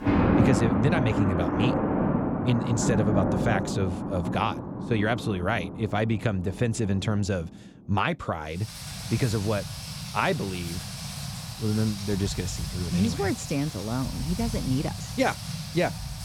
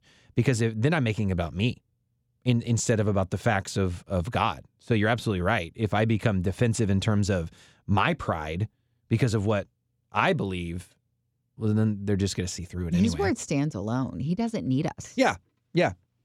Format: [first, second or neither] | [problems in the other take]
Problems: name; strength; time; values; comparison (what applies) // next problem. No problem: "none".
second | rain or running water; loud; throughout; 2 dB below the speech